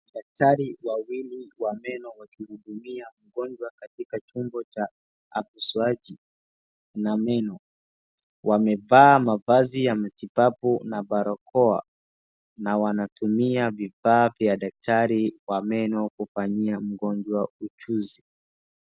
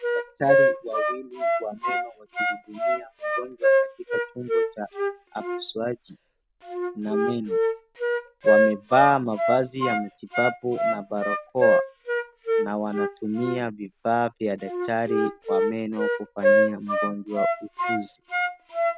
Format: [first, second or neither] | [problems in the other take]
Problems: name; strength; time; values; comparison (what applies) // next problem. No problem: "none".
first | background sound (Wind instrument, woodwind instrument); 3 dB above the speech